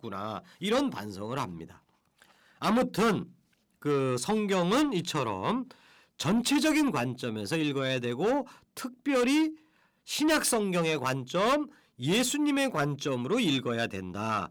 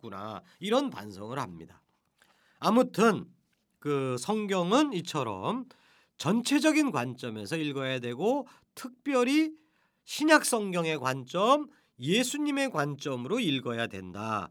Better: second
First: distortion; heavy; 8 dB below the speech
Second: none

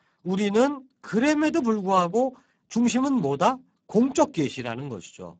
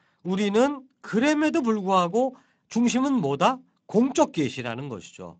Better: second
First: garbled, watery; badly; nothing above 7.5 kHz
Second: garbled, watery; slightly; nothing above 7.5 kHz

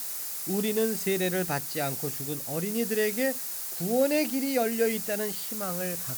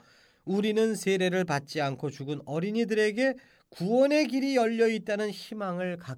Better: second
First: hiss; loud; throughout; 2 dB below the speech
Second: none

